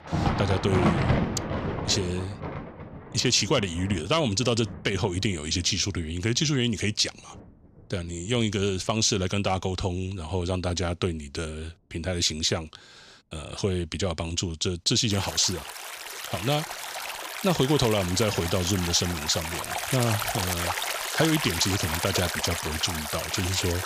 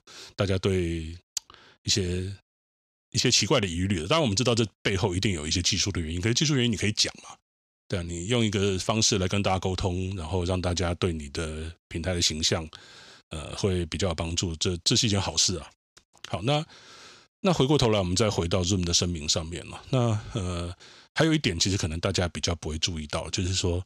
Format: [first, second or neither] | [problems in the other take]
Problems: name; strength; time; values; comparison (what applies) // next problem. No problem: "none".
second | rain or running water; loud; throughout; 4 dB below the speech